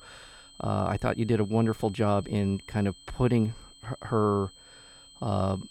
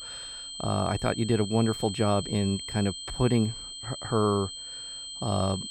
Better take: first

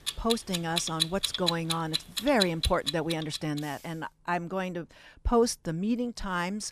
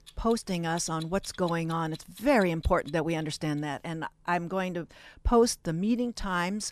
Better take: second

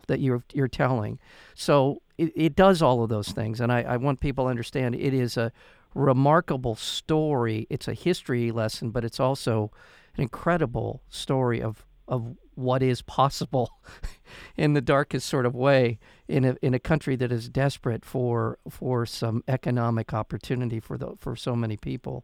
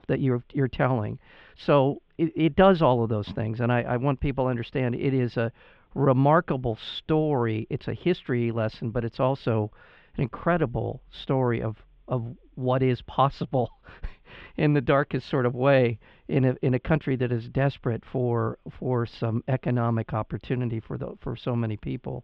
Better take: first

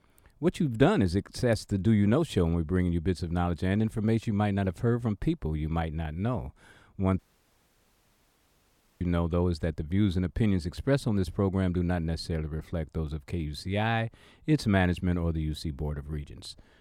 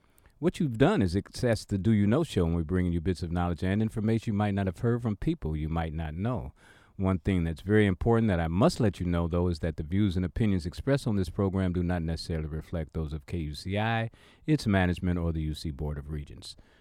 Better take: second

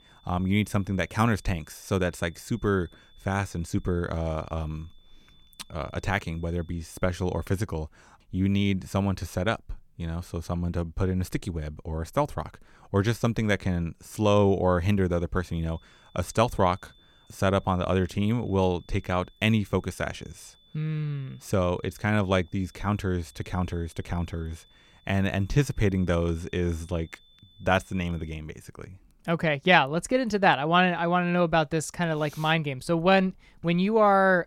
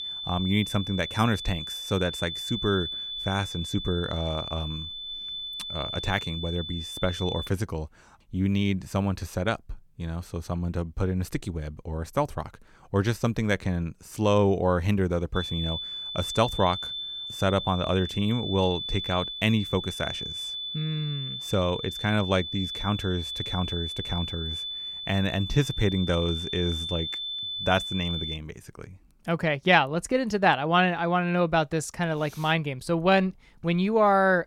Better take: first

